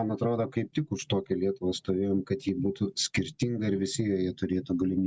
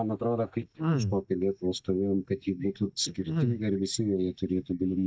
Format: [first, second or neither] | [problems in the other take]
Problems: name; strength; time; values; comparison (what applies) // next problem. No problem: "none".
first | noise reduction (neural mask model DeepFilterNet 3)